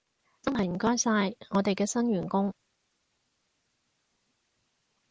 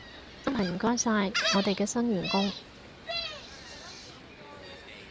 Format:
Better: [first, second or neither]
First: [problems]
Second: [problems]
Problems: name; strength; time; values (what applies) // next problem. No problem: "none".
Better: first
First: none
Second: background sound (Gull, seagull); 6 dB below the speech